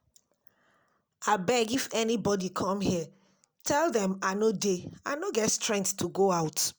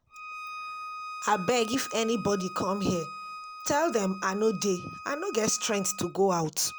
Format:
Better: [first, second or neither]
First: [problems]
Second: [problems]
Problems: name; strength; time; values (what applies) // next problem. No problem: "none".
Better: first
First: none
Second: background sound (Bowed string instrument); 12 dB below the speech